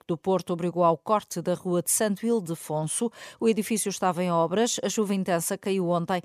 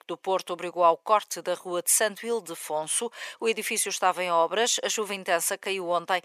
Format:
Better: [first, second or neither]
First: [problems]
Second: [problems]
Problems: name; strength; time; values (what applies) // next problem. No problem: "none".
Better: first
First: none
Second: thin; very; fading below 550 Hz